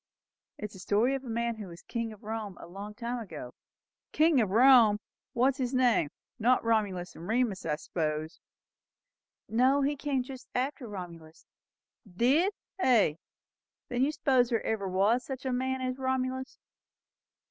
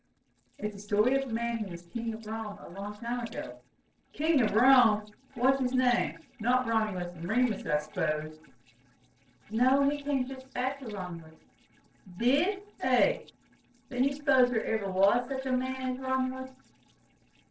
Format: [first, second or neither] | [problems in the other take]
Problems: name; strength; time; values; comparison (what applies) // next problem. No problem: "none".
first | noise reduction (neural separator model SepFormer DNS4)